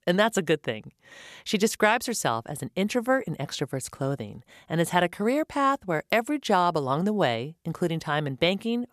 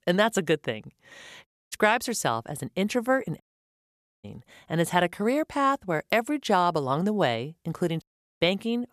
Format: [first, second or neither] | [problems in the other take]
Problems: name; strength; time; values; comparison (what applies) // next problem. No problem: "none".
first | audio cutting out; at 1.5 s, at 3.5 s for 1 s and at 8 s